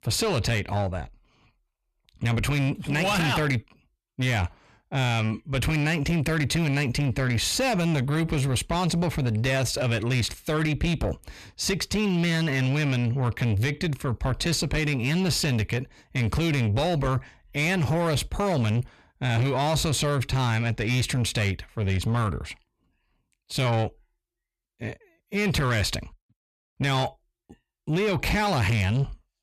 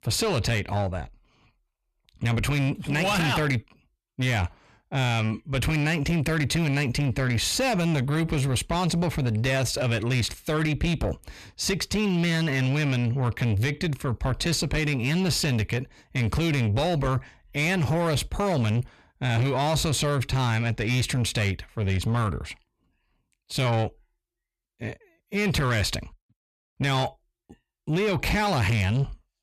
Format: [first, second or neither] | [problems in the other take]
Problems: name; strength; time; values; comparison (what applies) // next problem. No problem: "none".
neither | distortion; slight; 10 dB below the speech; the same in both